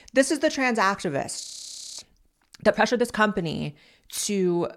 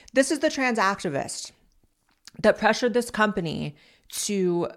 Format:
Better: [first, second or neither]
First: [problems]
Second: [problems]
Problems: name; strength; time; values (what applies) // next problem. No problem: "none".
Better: second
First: audio freezing; at 1.5 s for 0.5 s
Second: none